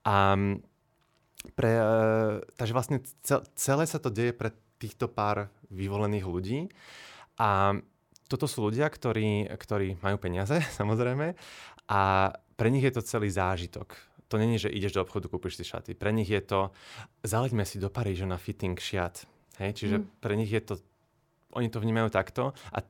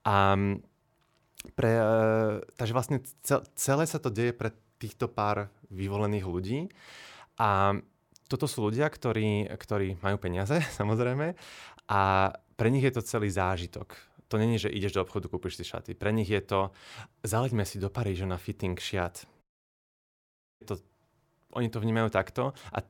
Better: first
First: none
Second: audio cutting out; at 19 s for 1 s

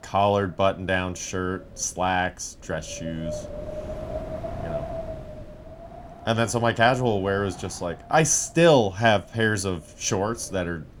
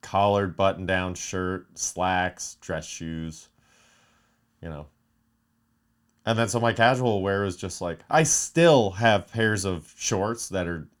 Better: second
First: wind noise on the microphone; occasional gusts; 15 dB below the speech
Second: none

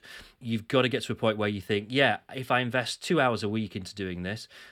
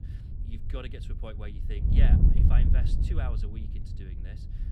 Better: first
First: none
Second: wind noise on the microphone; heavy; 2 dB above the speech

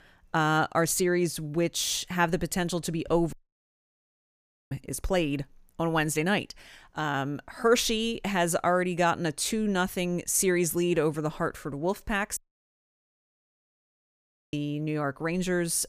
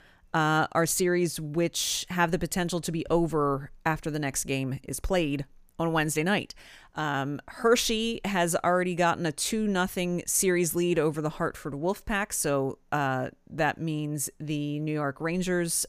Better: second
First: audio cutting out; at 3.5 s for 1.5 s and at 12 s for 2 s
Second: none

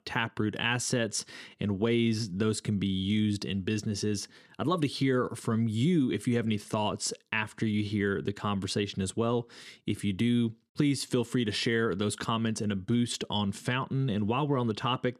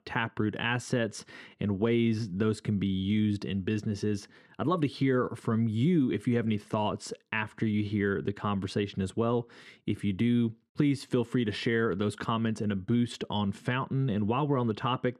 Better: first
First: none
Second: muffled; slightly; fading above 3.5 kHz

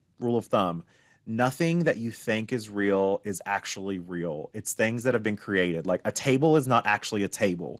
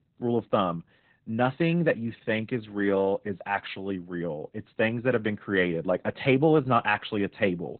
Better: first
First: garbled, watery; slightly; nothing above 15.5 kHz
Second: garbled, watery; badly; nothing above 3.5 kHz

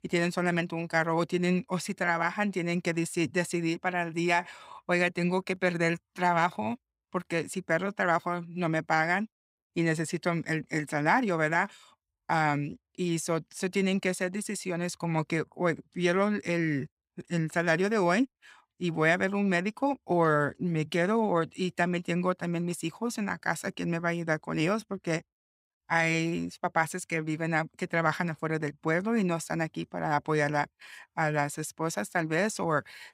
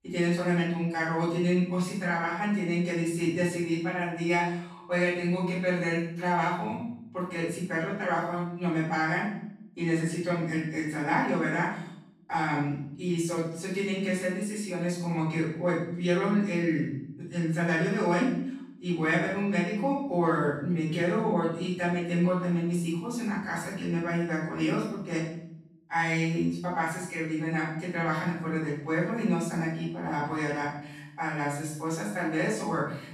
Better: first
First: none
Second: room echo; noticeable; dies away in 0.7 s // off-mic speech; far

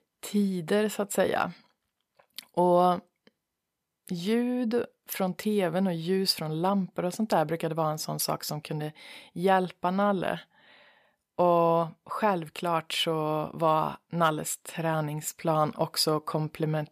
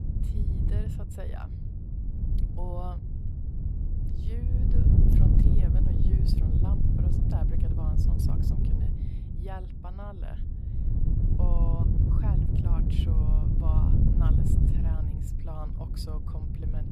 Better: first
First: none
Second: wind noise on the microphone; heavy; 4 dB above the speech

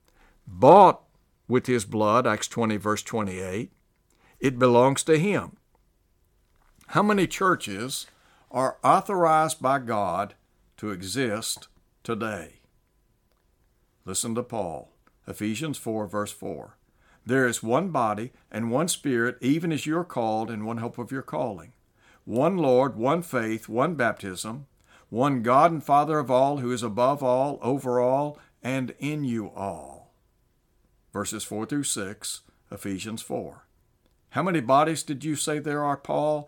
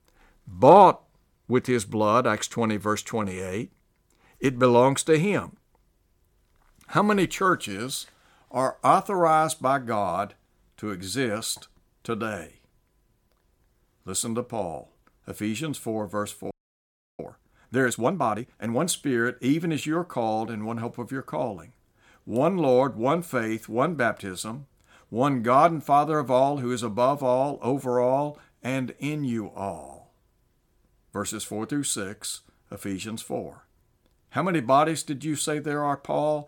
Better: first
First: none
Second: audio freezing; at 17 s for 0.5 s

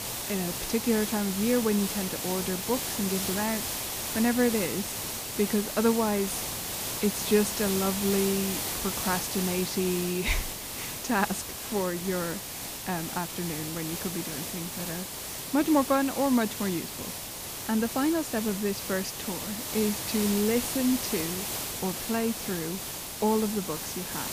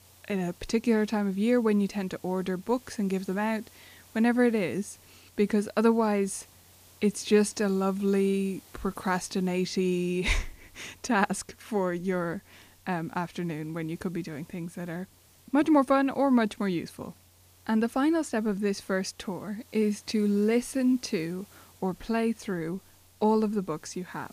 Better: second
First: hiss; loud; throughout; 3 dB below the speech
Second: hiss; faint; throughout; 25 dB below the speech

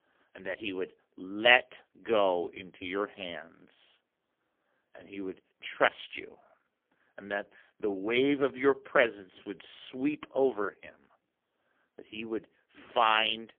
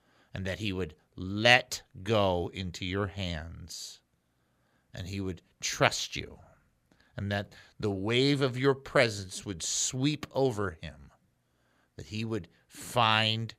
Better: second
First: phone-call audio; poor line; nothing above 3.5 kHz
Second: none

